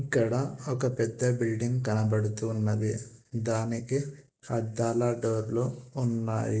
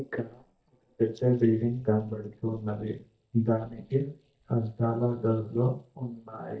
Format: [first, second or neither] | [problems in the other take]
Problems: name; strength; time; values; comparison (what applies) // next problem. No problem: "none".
first | noise reduction (neural mask model DeepFilterNet 3)